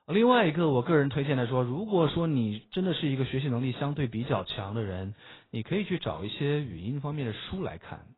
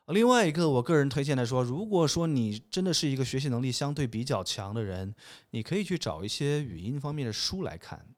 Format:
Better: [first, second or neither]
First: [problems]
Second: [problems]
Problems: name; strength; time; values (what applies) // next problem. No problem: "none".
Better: second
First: garbled, watery; badly; nothing above 4 kHz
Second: none